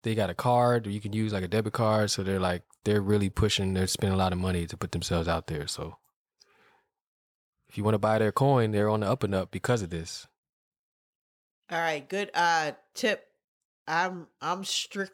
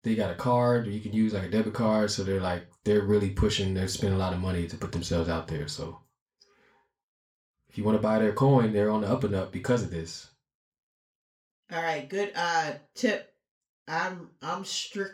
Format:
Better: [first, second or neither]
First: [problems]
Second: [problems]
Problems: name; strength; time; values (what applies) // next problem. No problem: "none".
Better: first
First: none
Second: room echo; very slight; dies away in 0.3 s // off-mic speech; somewhat distant